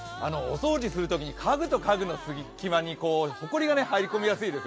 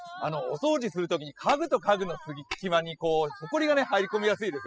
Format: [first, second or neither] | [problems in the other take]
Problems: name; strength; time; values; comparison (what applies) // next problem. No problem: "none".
first | noise reduction (classical method spectral subtraction)